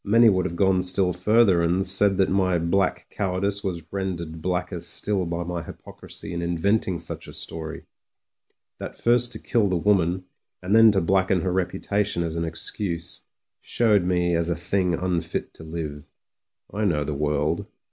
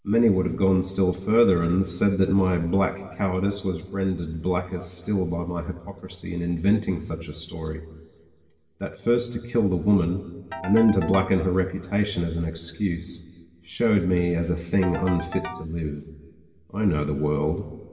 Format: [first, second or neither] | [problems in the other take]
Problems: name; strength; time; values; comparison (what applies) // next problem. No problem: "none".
first | background sound (Ringtone / Keyboard (musical)); 14 dB below the speech // room echo; dies away in 2 s